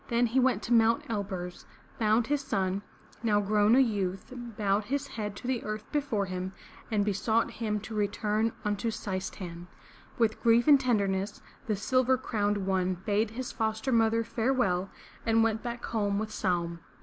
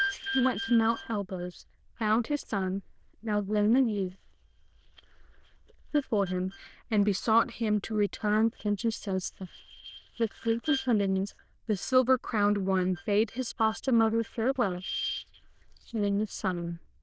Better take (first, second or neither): first